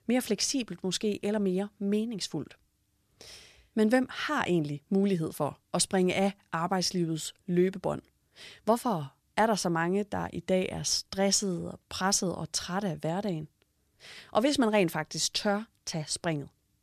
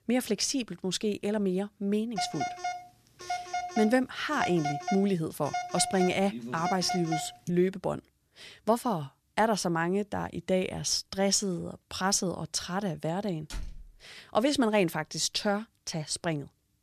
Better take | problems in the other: first | phone ringing; noticeable; from 2 to 7.5 s; peak 4 dB below the speech // door banging; faint; at 14 s; peak 15 dB below the speech

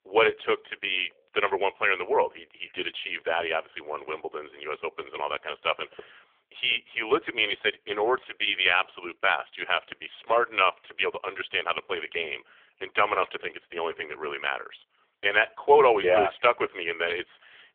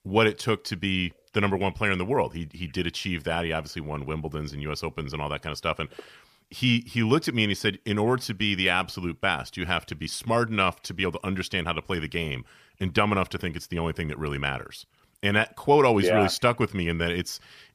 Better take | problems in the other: second | phone-call audio; poor line; nothing above 3.5 kHz

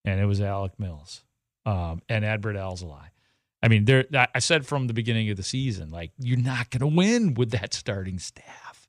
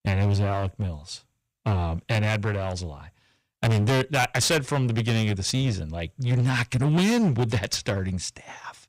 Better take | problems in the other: first | distortion; heavy; 15% of the sound clipped

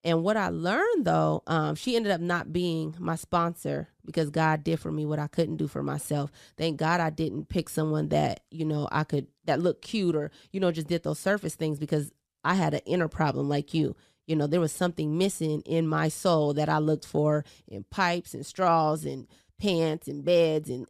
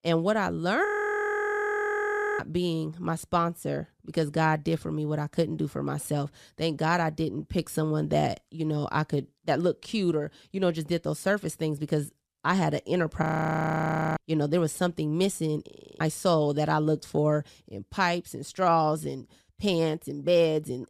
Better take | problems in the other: first | audio freezing; at 1 s for 1.5 s, at 13 s for 1 s and at 16 s

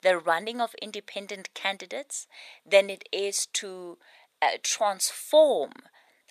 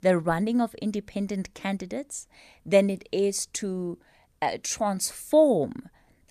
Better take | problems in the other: second | thin; very; fading below 650 Hz

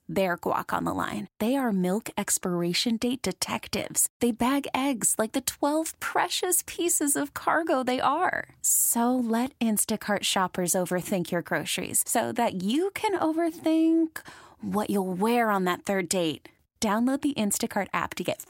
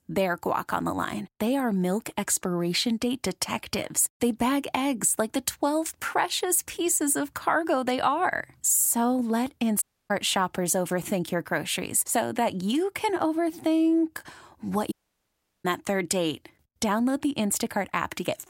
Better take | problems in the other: first | audio cutting out; at 10 s and at 15 s for 0.5 s

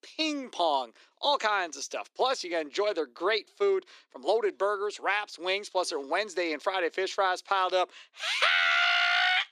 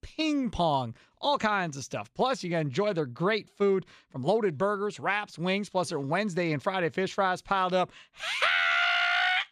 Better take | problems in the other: second | thin; somewhat; fading below 300 Hz

